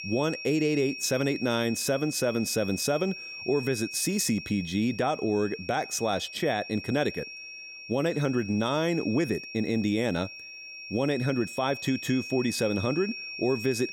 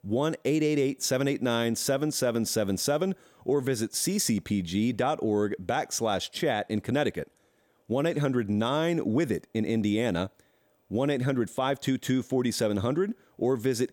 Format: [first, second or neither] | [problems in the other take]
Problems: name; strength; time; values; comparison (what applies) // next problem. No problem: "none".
second | high-pitched whine; loud; throughout; 2.5 kHz, 10 dB below the speech